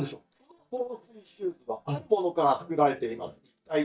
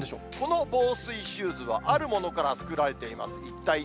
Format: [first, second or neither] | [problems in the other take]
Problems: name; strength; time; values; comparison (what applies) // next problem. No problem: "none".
second | noise reduction (neural mask model DeepFilterNet 3)